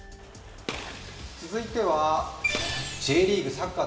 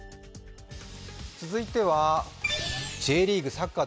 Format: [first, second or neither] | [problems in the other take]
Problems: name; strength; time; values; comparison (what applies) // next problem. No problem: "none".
second | background sound (Gunshot, gunfire); 14 dB below the speech // room echo; dies away in 1.1 s